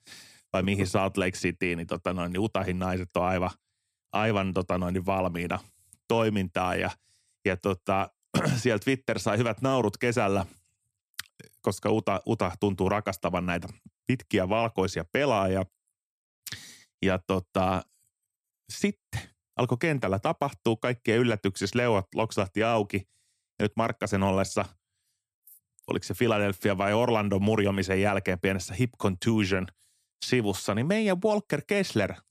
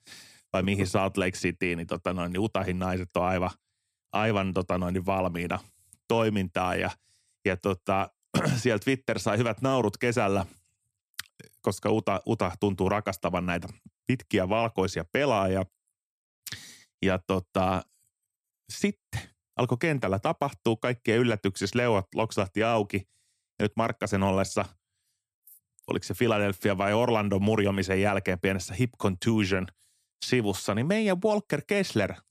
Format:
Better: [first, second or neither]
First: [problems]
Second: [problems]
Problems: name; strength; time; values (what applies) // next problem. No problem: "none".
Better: neither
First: none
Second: none